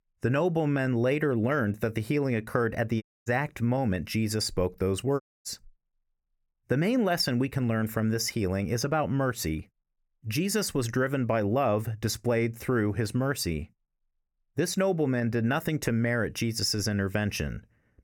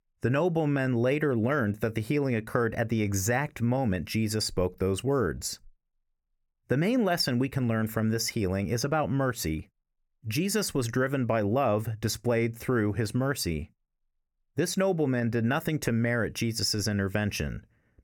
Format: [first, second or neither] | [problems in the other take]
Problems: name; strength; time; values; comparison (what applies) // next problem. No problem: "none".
second | audio cutting out; at 3 s and at 5 s